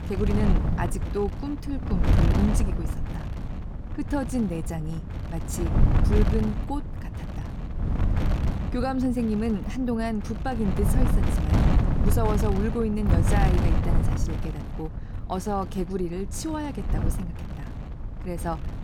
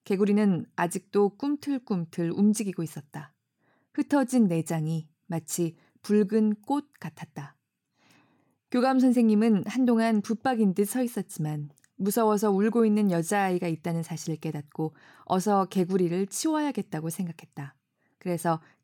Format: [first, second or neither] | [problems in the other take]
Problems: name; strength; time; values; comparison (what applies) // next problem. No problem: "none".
second | wind noise on the microphone; heavy; 4 dB below the speech